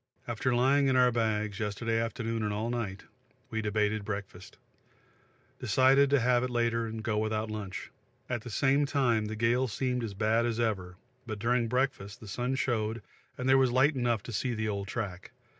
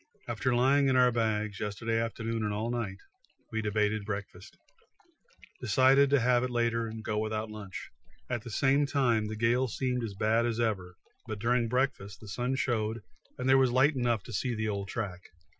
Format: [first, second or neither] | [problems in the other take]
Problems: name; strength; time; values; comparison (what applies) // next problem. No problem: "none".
first | noise reduction (classical method Wiener filter)